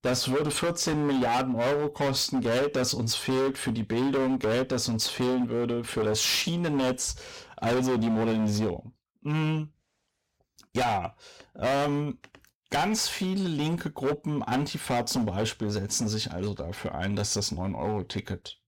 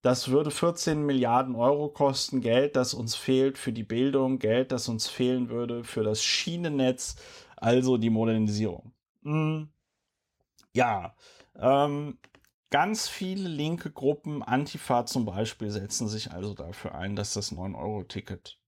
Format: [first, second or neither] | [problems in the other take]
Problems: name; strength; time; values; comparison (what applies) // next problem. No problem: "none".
second | distortion; heavy; 19% of the sound clipped